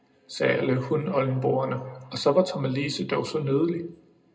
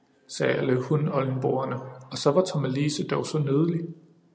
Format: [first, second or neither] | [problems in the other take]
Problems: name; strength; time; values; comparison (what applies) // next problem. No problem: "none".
second | room echo; dies away in 0.2 s